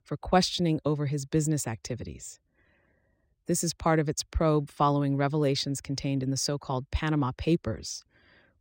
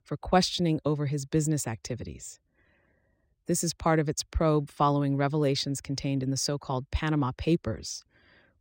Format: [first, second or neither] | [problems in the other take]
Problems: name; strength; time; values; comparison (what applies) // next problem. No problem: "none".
neither | none